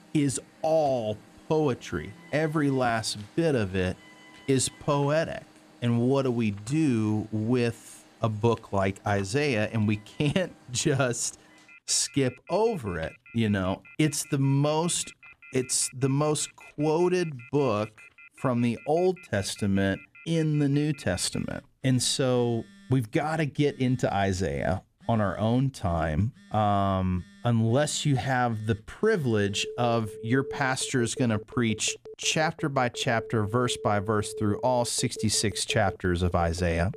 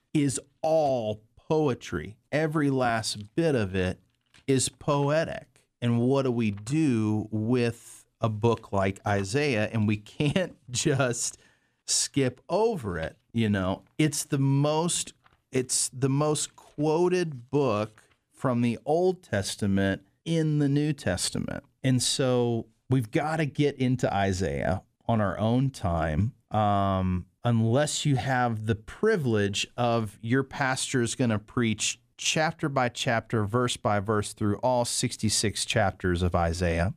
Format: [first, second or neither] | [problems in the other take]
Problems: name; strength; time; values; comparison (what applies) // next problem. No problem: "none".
second | alarms or sirens; noticeable; throughout; 20 dB below the speech